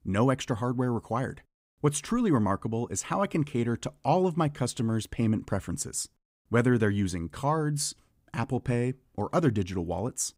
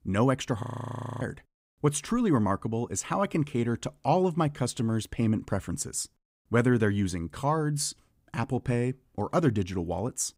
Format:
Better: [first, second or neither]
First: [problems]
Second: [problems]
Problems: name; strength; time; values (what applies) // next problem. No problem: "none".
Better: first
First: none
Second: audio freezing; at 0.5 s for 0.5 s